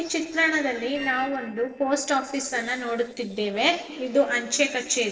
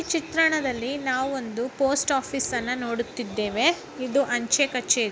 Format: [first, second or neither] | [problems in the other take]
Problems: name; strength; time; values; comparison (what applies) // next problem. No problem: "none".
second | noise reduction (neural separator model SepFormer DNS4)